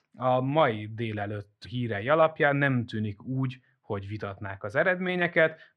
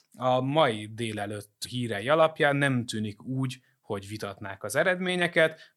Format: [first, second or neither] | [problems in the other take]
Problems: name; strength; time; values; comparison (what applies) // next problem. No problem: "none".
second | muffled; slightly; fading above 2 kHz